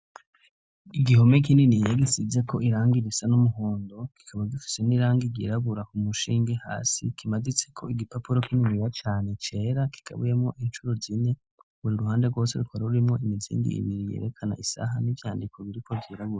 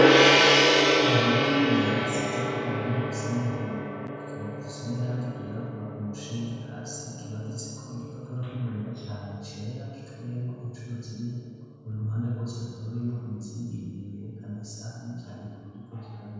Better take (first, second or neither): first